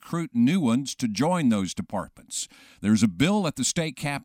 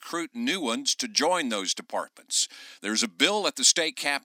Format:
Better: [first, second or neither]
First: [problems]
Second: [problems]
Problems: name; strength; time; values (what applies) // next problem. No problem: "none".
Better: first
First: none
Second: thin; somewhat; fading below 350 Hz